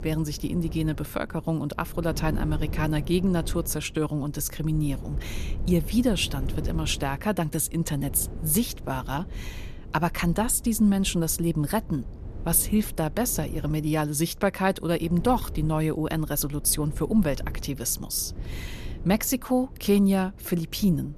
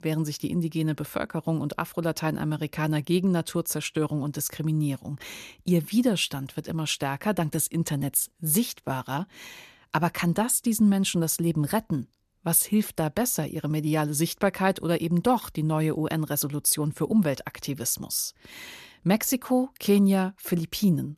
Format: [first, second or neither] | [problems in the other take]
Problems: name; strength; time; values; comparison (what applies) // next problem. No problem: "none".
second | wind noise on the microphone; occasional gusts; 20 dB below the speech